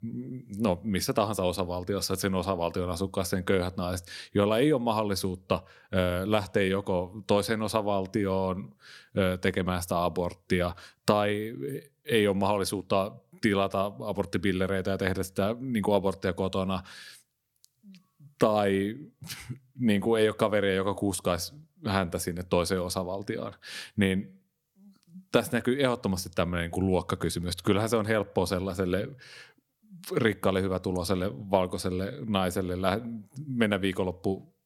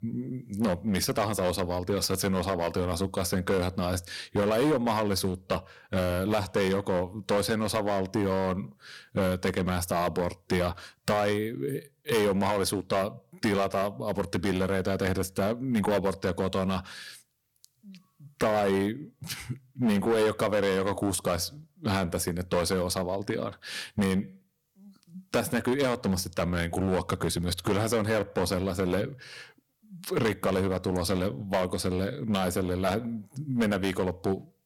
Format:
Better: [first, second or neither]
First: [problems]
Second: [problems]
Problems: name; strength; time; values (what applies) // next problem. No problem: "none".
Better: first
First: none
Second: distortion; heavy; 9% of the sound clipped